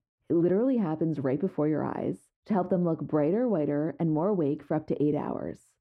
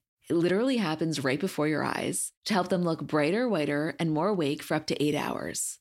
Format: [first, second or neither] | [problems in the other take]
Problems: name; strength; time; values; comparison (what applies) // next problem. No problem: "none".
second | muffled; very; fading above 2 kHz